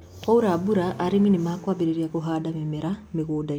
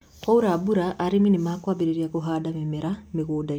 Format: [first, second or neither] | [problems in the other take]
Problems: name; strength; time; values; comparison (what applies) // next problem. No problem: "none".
second | background sound (Accelerating, revving, vroom); 19 dB below the speech